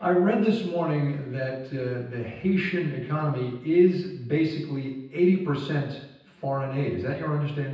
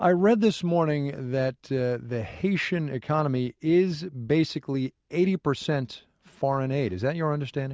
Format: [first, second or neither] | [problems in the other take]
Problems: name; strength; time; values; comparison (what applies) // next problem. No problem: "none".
second | room echo; dies away in 0.9 s